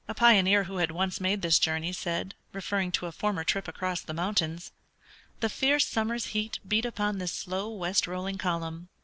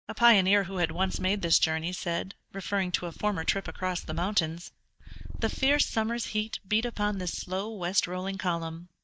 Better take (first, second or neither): first